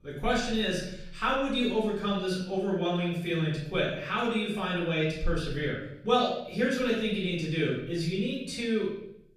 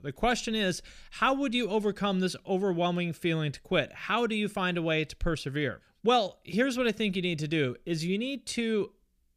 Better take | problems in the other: second | room echo; noticeable; dies away in 0.7 s // off-mic speech; far

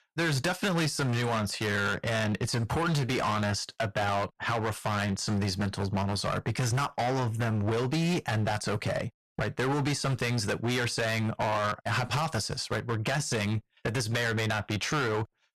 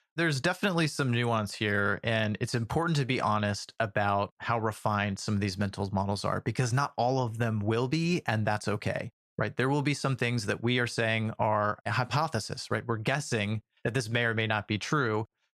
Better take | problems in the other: second | distortion; heavy; 21% of the sound clipped

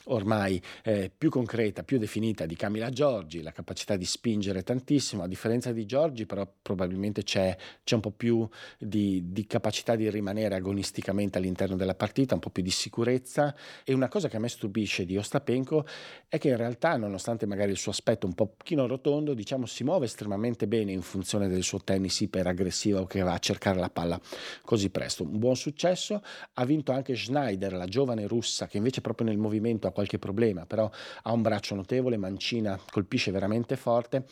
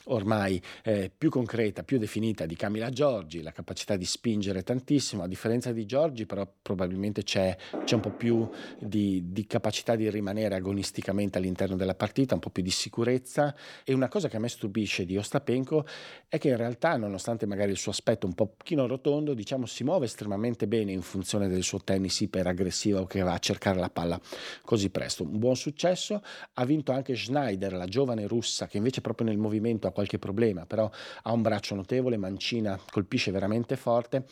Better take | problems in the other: first | footsteps; noticeable; from 7.5 to 9 s; peak 7 dB below the speech

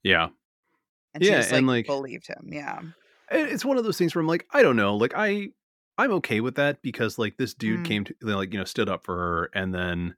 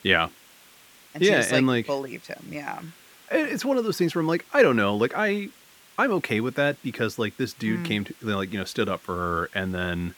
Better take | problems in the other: first | hiss; faint; throughout; 25 dB below the speech

